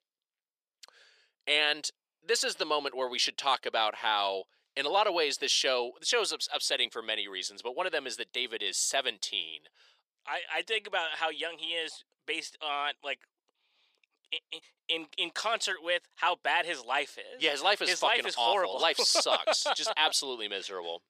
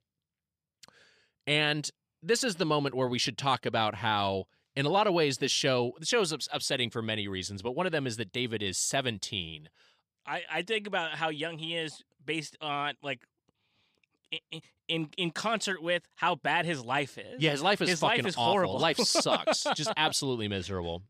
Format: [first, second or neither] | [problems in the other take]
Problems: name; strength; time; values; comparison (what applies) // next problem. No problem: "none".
second | thin; very; fading below 450 Hz